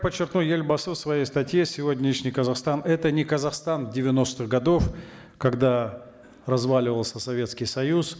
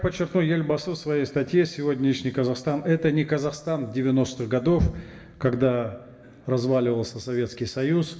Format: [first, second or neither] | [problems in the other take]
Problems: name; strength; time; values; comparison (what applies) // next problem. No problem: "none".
first | room echo; dies away in 2 s